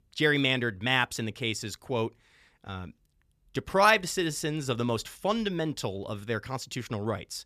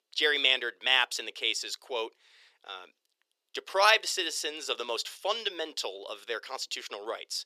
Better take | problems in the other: first | thin; very; fading below 400 Hz

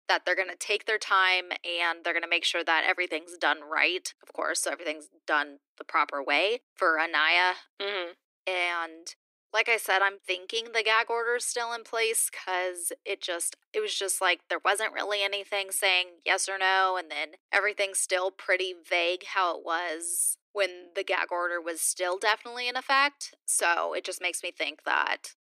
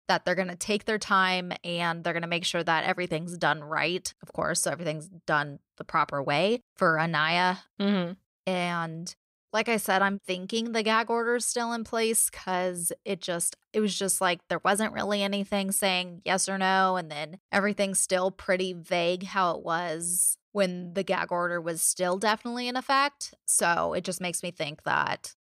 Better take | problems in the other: second | thin; very; fading below 300 Hz

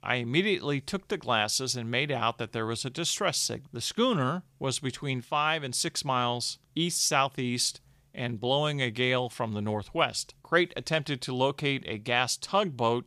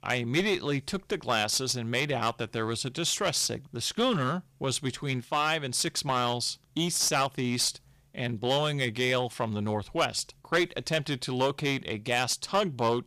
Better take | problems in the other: first | distortion; slight; 5% of the sound clipped

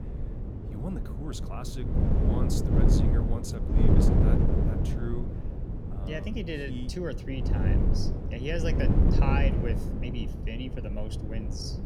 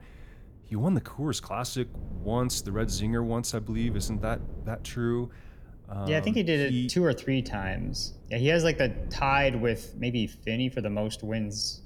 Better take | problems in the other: second | wind noise on the microphone; heavy; 1 dB above the speech; occasional gusts in the second

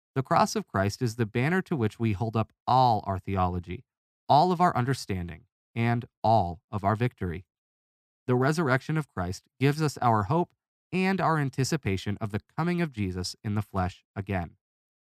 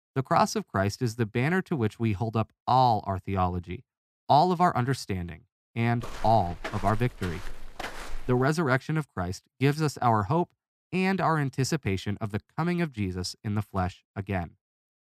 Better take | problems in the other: first | footsteps; faint; from 6 to 8.5 s; peak 10 dB below the speech

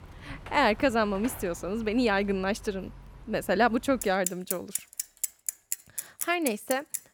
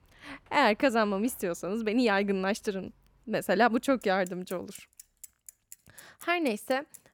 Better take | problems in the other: second | traffic noise; loud; throughout; 8 dB below the speech; faint in the second

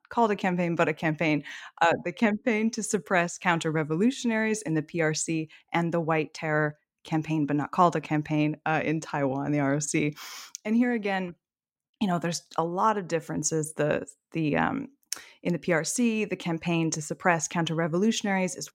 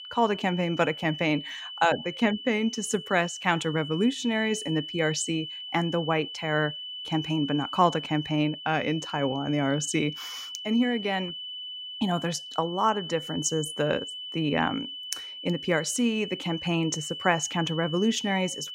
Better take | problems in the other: first | high-pitched whine; loud; throughout; 3 kHz, 9 dB below the speech

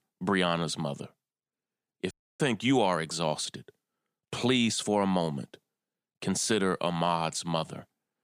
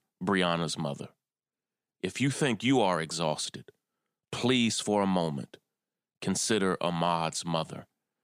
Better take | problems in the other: second | audio cutting out; at 2 s

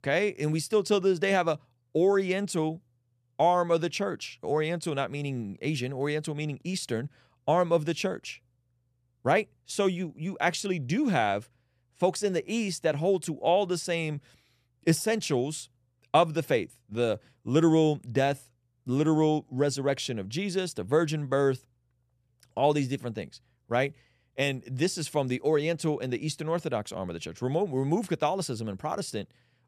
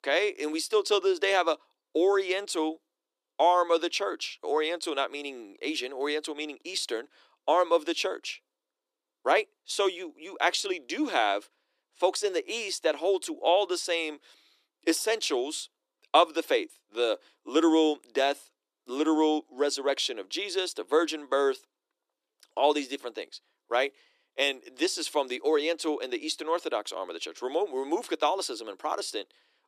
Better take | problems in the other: first | thin; somewhat; fading below 300 Hz

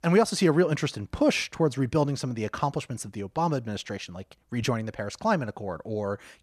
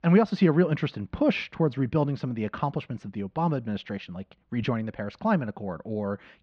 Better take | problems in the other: first | muffled; slightly; fading above 3.5 kHz

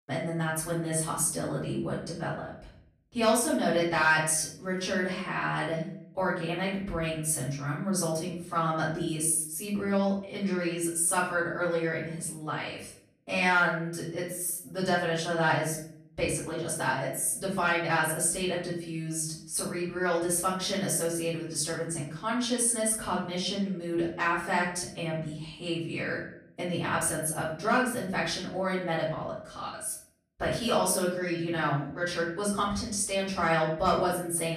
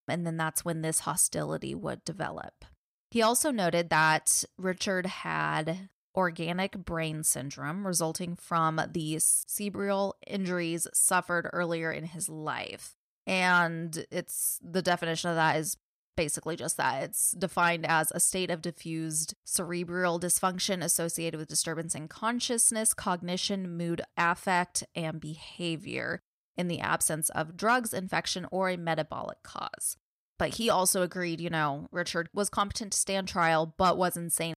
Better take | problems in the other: second | off-mic speech; far // room echo; noticeable; dies away in 0.5 s

